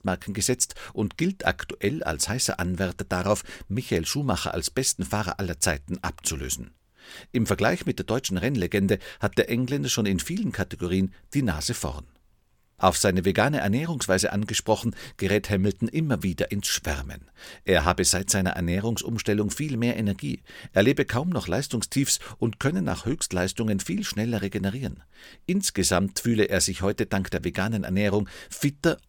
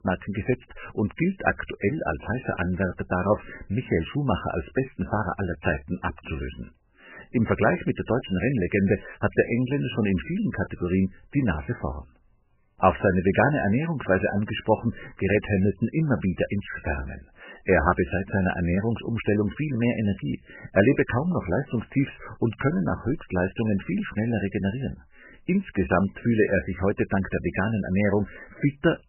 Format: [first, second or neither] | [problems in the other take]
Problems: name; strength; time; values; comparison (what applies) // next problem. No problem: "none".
first | garbled, watery; badly; nothing above 3 kHz